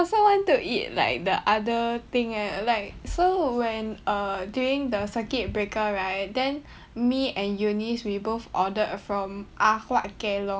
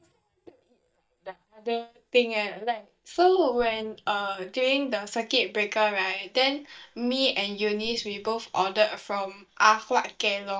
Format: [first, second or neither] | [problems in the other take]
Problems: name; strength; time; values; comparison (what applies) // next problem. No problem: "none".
first | noise reduction (neural mask model DeepFilterNet 3)